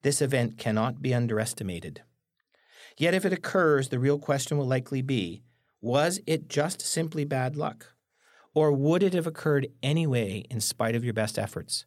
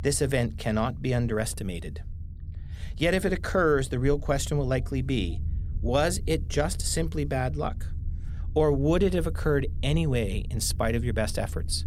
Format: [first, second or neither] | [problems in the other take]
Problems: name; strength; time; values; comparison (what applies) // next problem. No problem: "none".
first | low rumble; faint; throughout; 25 dB below the speech